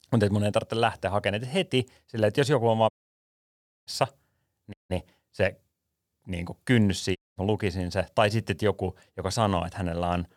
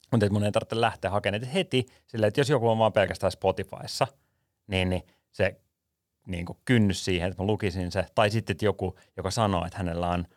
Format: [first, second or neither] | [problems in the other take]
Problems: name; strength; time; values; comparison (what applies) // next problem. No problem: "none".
second | audio cutting out; at 3 s for 1 s, at 4.5 s and at 7 s